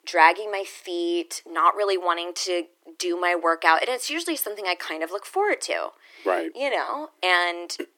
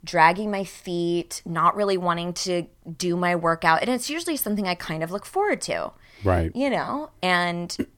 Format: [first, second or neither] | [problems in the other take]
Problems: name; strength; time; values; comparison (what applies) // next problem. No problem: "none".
second | thin; very; fading below 300 Hz